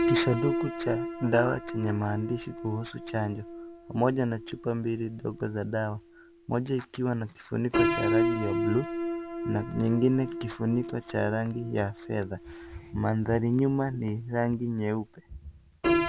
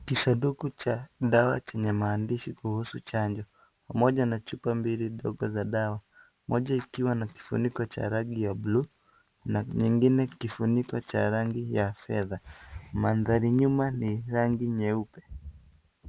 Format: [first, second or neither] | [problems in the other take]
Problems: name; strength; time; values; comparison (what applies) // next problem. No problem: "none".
second | background sound (Piano); 4 dB below the speech